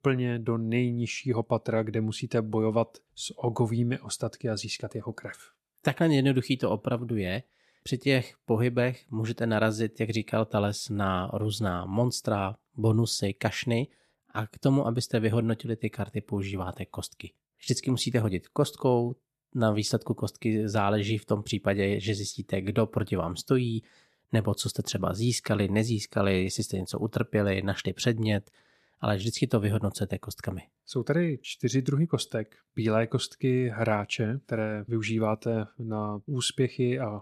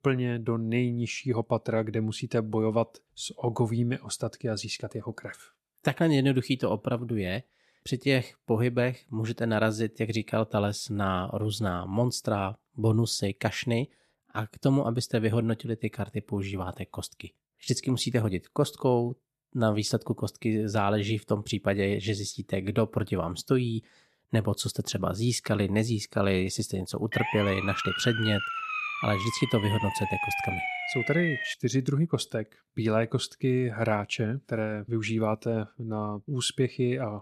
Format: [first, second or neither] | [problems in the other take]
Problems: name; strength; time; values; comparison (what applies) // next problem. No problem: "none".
first | siren; noticeable; from 27 to 32 s; peak 1 dB below the speech